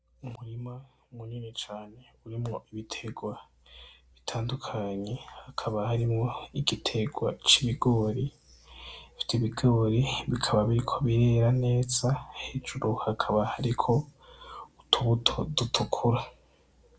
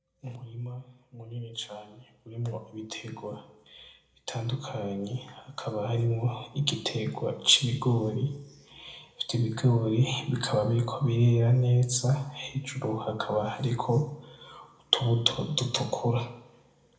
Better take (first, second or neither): first